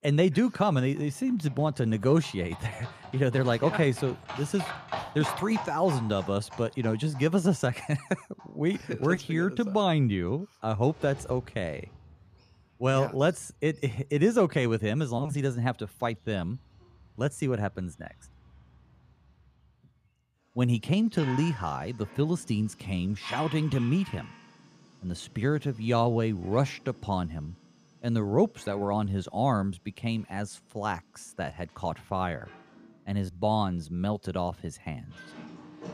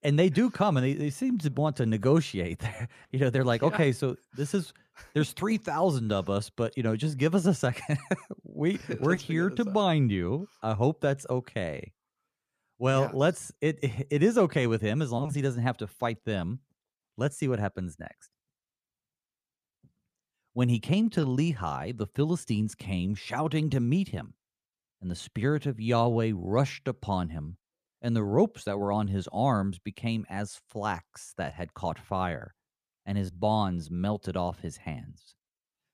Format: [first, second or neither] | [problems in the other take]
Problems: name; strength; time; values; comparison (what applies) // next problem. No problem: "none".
second | animal sounds; noticeable; throughout; 15 dB below the speech